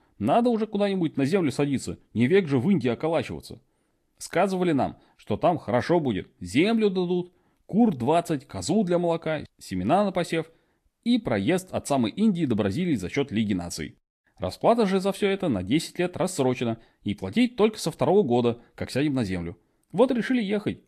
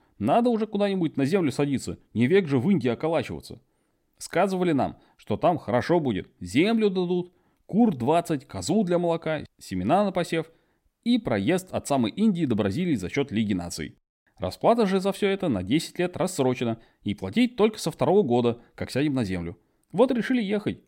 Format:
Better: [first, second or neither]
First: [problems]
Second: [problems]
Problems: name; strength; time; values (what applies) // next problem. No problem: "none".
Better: second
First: garbled, watery; slightly; nothing above 12.5 kHz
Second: none